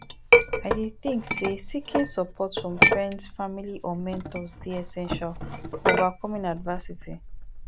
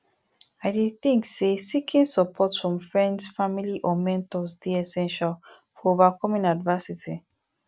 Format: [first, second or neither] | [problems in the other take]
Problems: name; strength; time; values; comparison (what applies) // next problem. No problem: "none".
second | background sound (Chink, clink); 3 dB above the speech